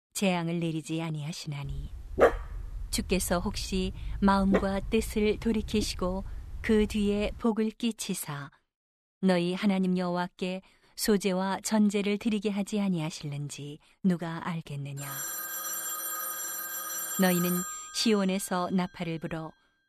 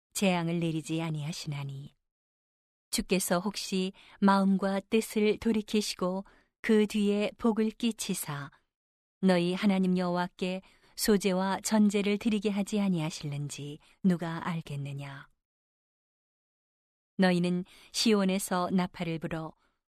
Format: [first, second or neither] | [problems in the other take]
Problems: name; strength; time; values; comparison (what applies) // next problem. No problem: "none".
second | dog barking; loud; from 1.5 to 7.5 s; peak 5 dB above the speech // phone ringing; noticeable; from 15 to 18 s; peak 2 dB below the speech